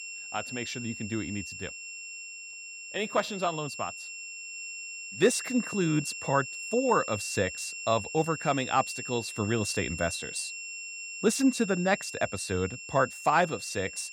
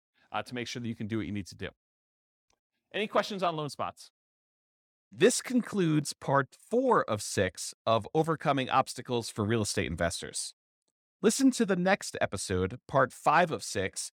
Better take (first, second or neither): second